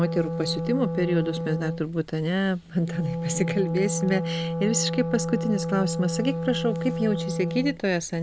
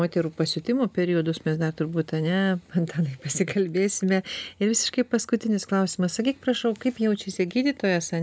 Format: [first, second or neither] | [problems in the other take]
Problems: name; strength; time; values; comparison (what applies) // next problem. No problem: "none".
second | background sound (Wind instrument, woodwind instrument); 4 dB below the speech